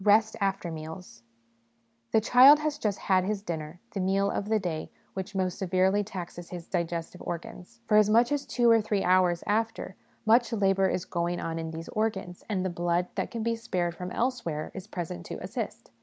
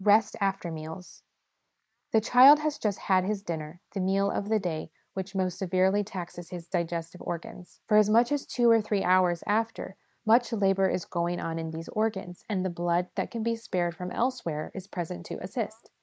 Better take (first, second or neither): first